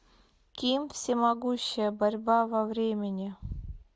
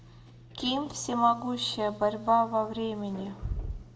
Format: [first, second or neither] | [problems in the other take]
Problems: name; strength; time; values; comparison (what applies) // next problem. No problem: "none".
first | background sound (Sliding door); 18 dB below the speech // room echo; dies away in 0.6 s